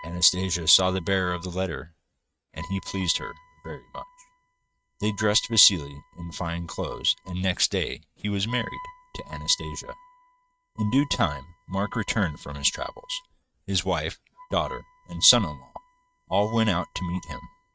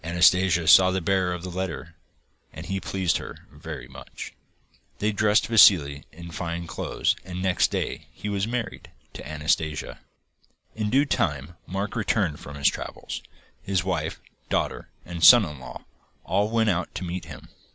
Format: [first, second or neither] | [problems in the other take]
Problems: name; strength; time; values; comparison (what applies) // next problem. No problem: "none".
second | noise reduction (neural mask model RNNoise)